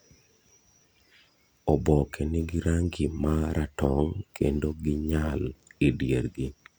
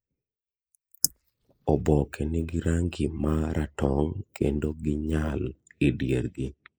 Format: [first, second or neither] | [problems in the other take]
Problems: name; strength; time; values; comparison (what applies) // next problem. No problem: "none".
first | noise reduction (neural mask model Resemble Enhance denoiser)